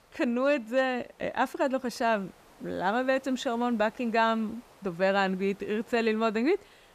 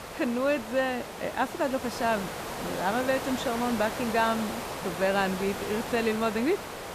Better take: first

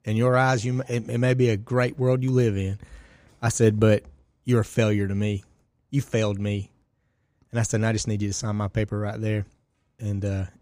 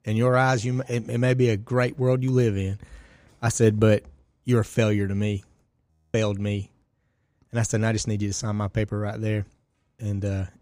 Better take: first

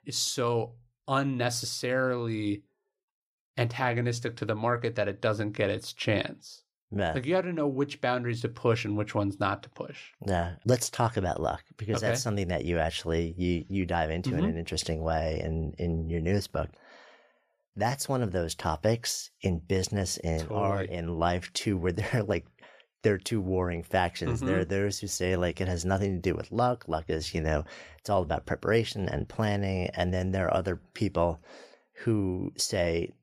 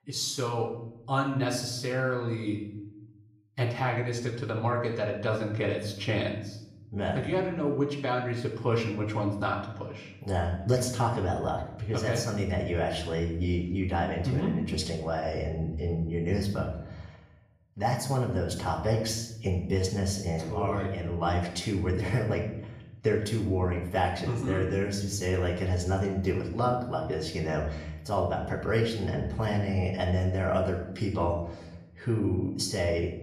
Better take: first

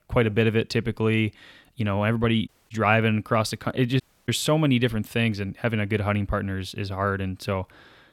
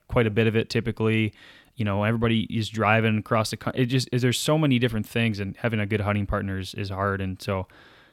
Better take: second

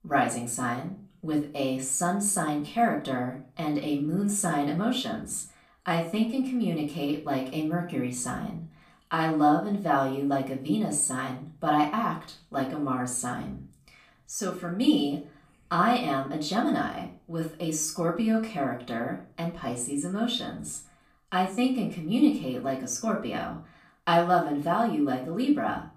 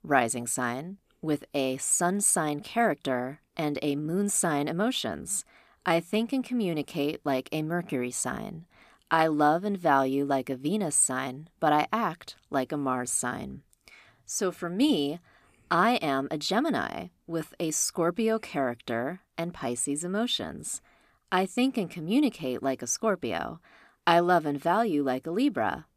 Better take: second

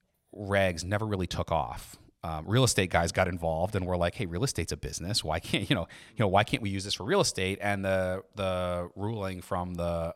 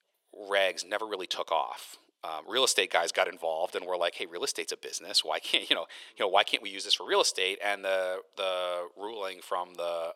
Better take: first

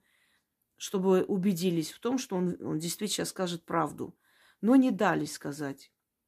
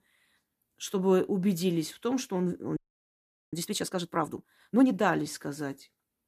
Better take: first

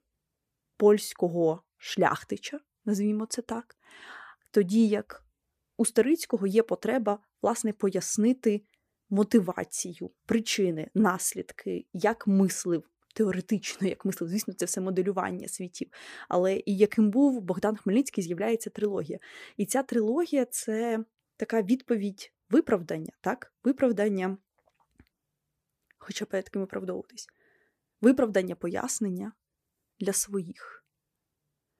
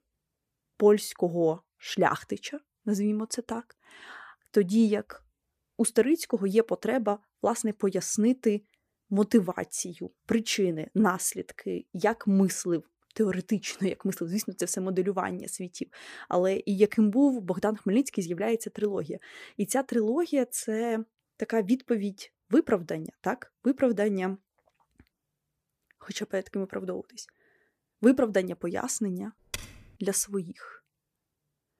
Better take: first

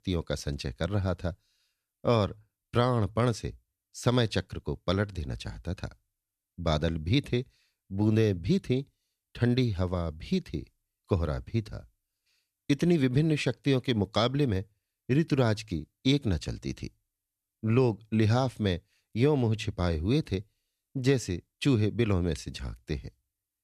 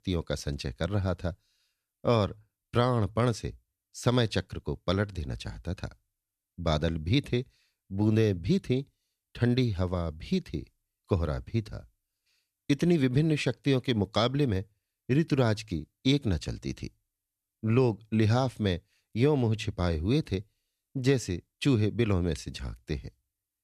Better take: neither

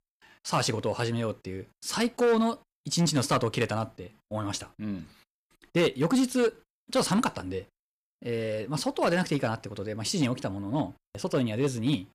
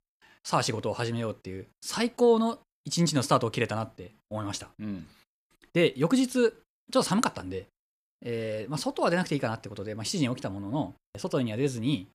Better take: second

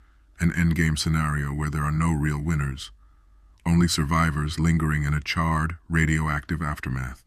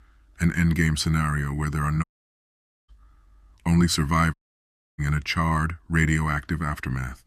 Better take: first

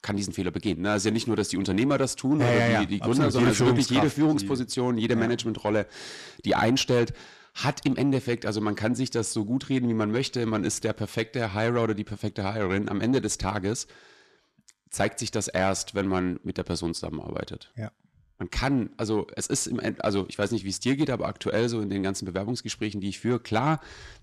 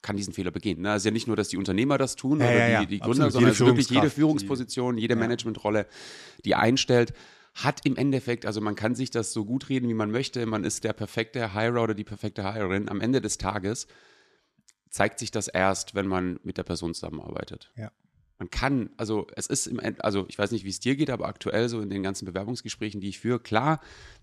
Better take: second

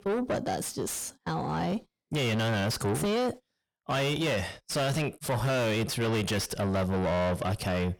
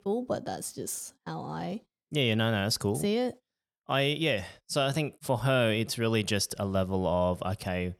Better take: second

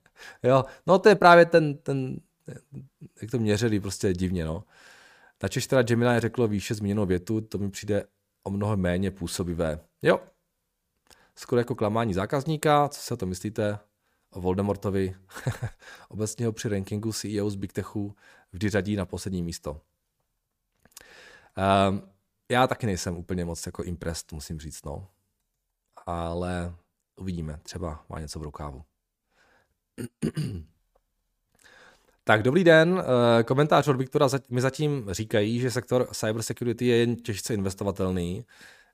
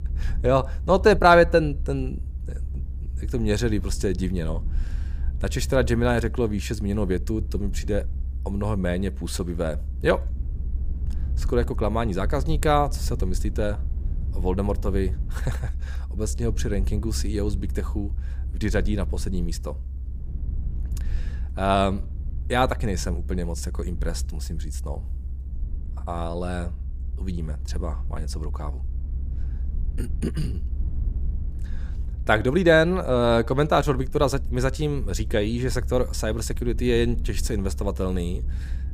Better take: first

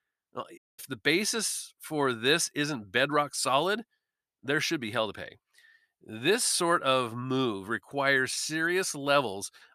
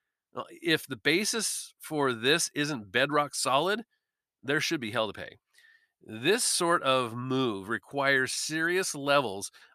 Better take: second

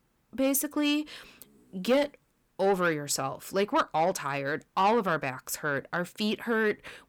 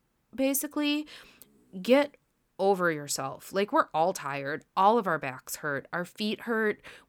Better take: second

